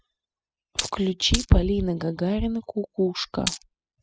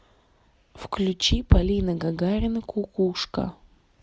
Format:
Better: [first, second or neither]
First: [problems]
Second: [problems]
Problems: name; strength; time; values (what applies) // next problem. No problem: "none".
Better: second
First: noise reduction (classical method spectral subtraction)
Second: none